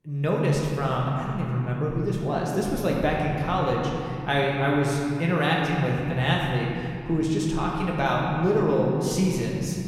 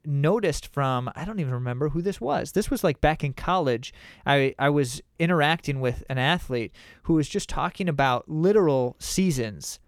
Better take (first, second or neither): second